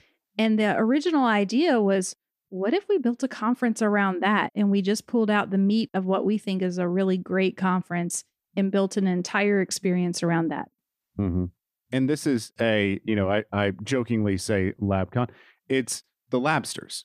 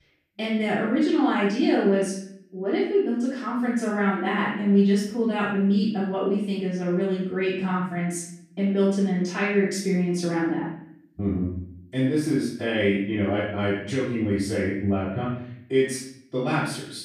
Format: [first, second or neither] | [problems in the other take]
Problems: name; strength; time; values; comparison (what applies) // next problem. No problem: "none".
first | off-mic speech; far // room echo; noticeable; dies away in 0.6 s